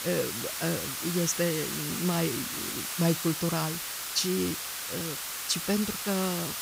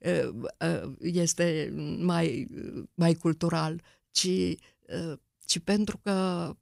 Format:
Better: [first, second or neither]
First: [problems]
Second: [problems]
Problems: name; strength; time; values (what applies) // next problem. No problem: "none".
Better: second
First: hiss; loud; throughout; 2 dB below the speech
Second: none